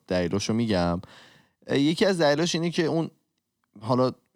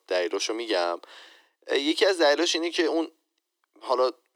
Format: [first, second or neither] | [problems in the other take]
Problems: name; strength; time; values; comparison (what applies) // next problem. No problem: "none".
first | thin; very; fading below 300 Hz